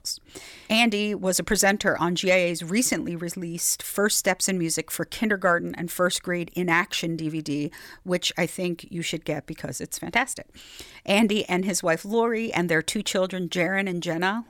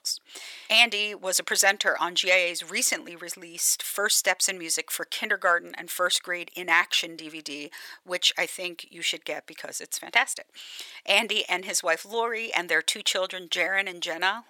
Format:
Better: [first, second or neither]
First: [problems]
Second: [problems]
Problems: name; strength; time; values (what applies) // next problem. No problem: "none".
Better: first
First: none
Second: thin; very; fading below 650 Hz